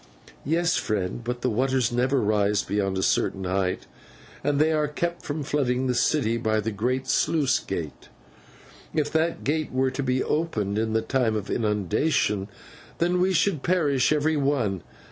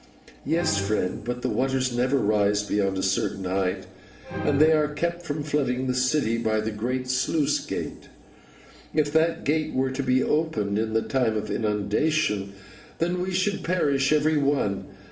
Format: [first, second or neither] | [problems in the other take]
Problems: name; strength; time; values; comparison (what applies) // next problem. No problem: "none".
first | background sound (Musical instrument); 11 dB below the speech // room echo; dies away in 0.9 s